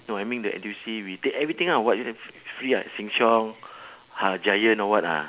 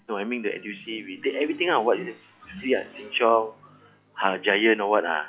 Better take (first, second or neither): first